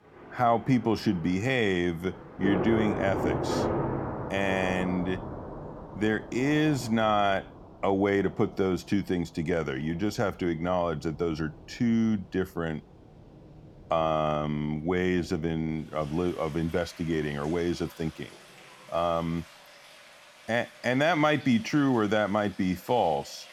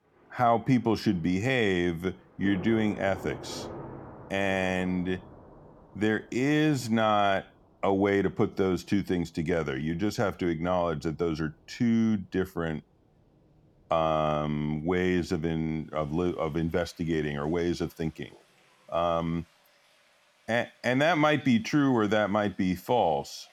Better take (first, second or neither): second